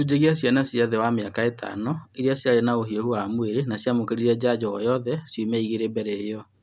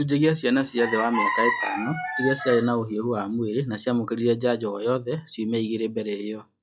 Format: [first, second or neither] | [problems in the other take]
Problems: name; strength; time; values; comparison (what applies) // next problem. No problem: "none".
first | noise reduction (classical method log-MMSE)